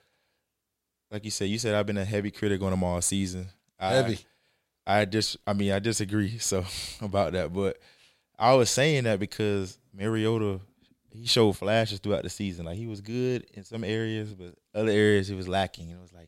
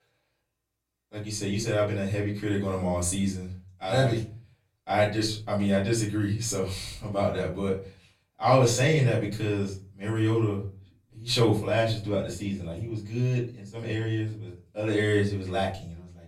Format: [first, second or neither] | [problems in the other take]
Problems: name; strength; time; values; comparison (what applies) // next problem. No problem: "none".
first | off-mic speech; far // room echo; slight; dies away in 0.4 s